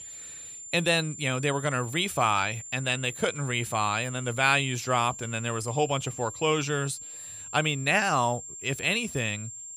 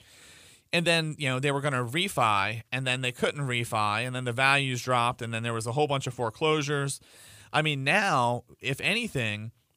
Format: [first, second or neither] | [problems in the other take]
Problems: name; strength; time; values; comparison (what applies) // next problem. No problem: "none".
second | high-pitched whine; noticeable; throughout; 7.5 kHz, 10 dB below the speech